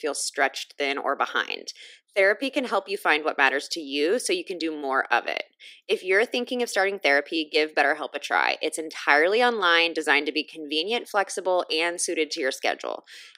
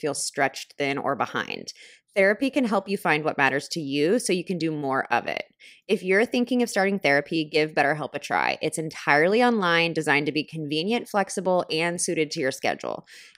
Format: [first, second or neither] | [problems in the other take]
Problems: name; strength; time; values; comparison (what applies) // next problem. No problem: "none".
second | thin; somewhat; fading below 300 Hz